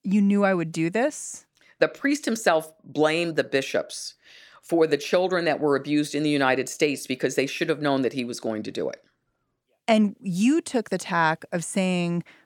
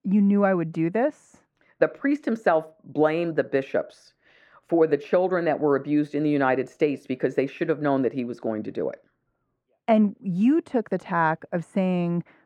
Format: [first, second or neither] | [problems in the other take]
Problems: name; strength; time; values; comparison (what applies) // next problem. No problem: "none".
first | muffled; very; fading above 3 kHz